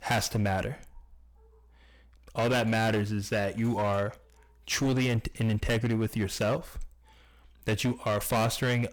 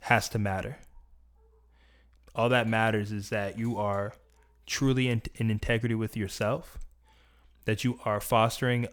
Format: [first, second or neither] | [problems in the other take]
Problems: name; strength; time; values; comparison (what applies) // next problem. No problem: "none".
second | distortion; heavy; 12% of the sound clipped